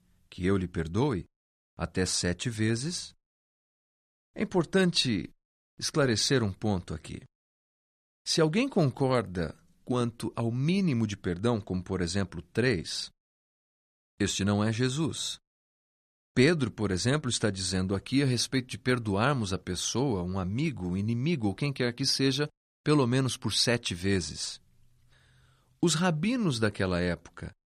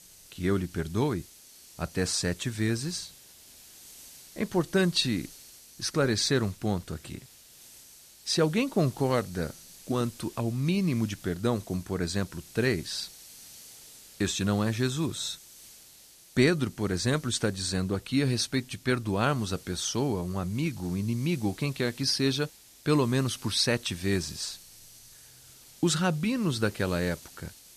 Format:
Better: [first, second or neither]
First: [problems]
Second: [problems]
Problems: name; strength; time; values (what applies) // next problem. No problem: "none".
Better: first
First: none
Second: hiss; noticeable; throughout; 20 dB below the speech